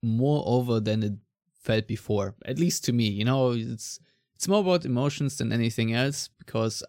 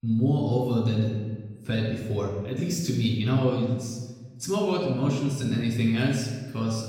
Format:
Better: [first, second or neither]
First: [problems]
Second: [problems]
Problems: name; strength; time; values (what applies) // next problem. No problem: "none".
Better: first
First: none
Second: off-mic speech; far // room echo; noticeable; dies away in 1.2 s